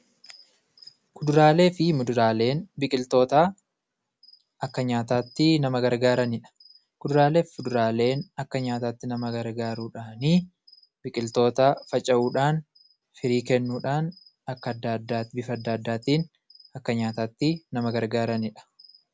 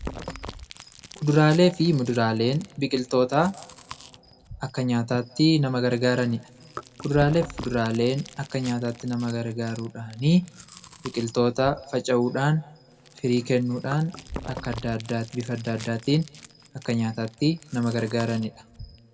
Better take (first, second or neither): first